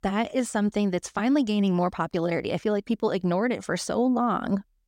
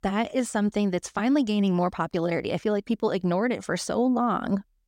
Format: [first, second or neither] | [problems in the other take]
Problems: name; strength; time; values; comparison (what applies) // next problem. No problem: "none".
neither | none